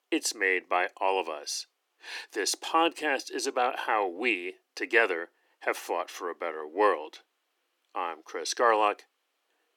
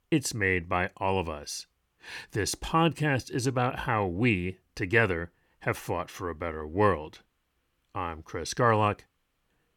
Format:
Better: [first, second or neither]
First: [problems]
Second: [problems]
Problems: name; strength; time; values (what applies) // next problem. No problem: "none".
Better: second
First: thin; very; fading below 300 Hz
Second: none